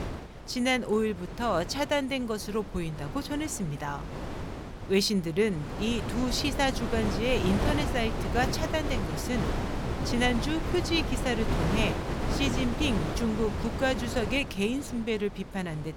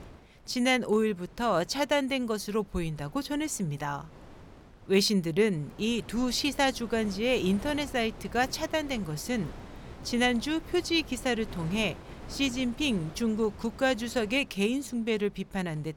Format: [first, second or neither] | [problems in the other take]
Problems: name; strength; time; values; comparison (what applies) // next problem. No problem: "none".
second | wind noise on the microphone; heavy; 6 dB below the speech; occasional gusts in the second